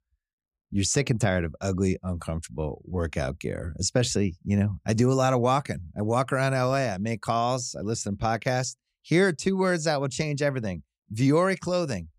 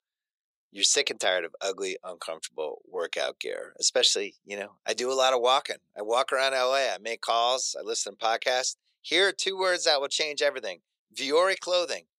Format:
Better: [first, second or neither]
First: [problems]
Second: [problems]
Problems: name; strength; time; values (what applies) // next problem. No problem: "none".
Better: first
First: none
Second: thin; very; fading below 450 Hz